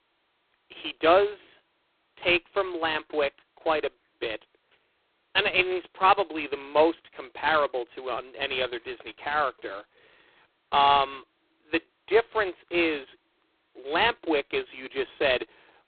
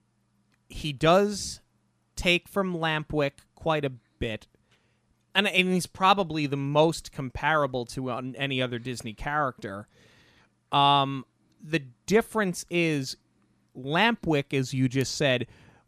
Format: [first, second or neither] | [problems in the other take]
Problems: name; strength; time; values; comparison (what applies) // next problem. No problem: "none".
second | phone-call audio; poor line; nothing above 4 kHz